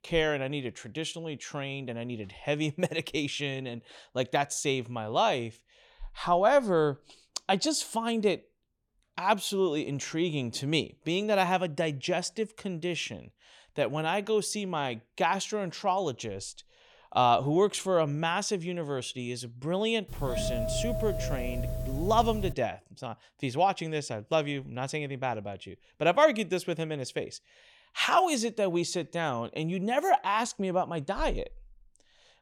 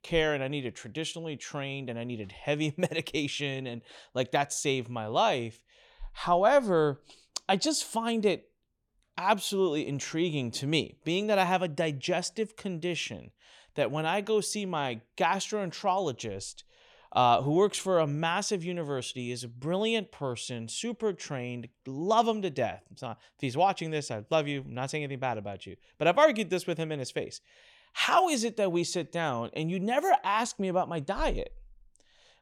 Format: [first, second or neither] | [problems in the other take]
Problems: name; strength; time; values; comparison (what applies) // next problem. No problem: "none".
second | doorbell; noticeable; from 20 to 23 s; peak 3 dB below the speech